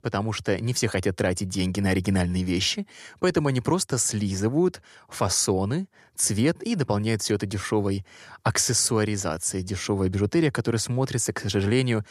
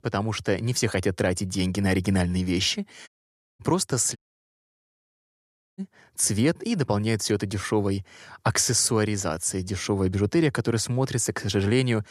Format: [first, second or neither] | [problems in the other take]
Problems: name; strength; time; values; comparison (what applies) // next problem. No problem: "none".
first | audio cutting out; at 3 s for 0.5 s and at 4 s for 1.5 s